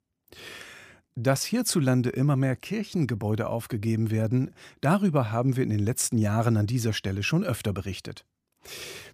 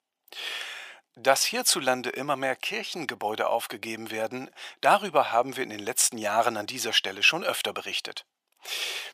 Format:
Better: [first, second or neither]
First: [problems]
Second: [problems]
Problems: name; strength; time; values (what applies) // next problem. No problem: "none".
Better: first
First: none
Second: thin; very; fading below 650 Hz